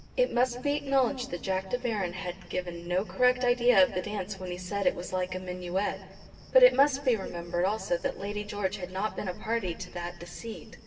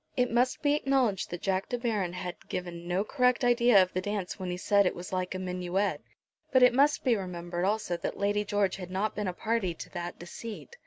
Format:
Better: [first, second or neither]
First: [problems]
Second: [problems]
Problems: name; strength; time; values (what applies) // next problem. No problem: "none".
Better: second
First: background sound (Cricket); 19 dB below the speech // room echo; dies away in 1.3 s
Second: none